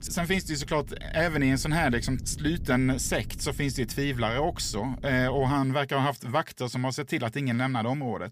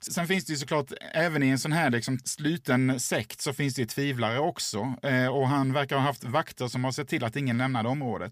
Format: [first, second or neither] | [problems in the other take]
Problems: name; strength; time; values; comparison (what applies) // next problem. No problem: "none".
second | wind noise on the microphone; occasional gusts; until 5.5 s; 25 dB below the speech